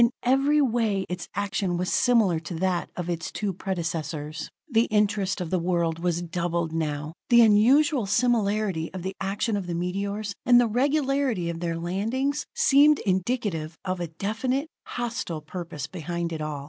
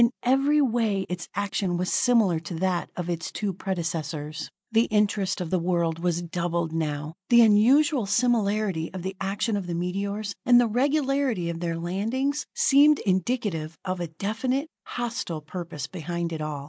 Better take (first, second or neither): first